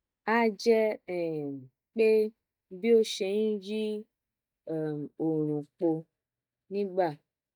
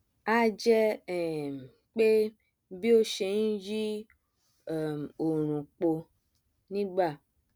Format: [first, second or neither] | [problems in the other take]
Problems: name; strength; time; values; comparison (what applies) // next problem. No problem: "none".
second | noise reduction (neural mask model DeepFilterNet 3)